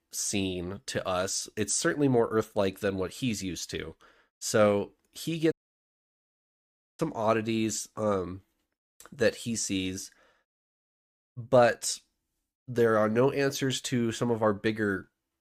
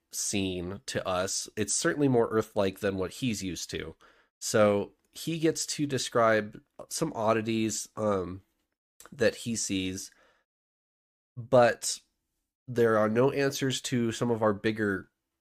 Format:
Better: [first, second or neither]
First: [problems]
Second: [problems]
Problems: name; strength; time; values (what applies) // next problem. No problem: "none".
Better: second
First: audio cutting out; at 5.5 s for 1.5 s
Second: none